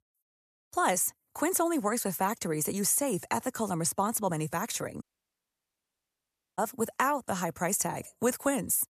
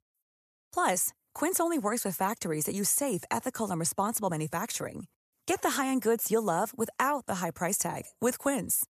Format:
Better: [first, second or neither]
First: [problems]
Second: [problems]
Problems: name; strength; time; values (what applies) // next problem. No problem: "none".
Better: second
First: audio cutting out; at 5 s for 1.5 s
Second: none